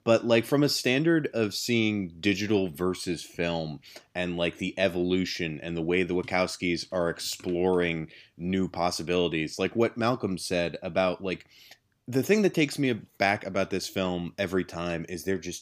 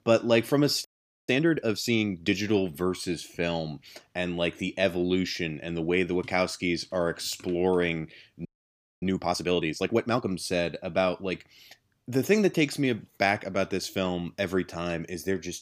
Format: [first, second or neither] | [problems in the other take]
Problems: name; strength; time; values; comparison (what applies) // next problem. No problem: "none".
first | audio freezing; at 1 s and at 8.5 s for 0.5 s